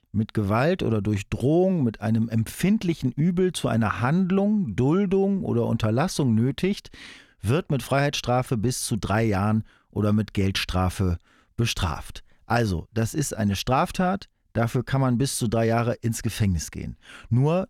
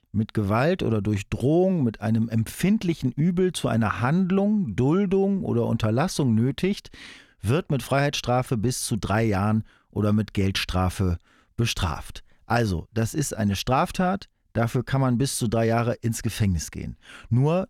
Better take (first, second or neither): neither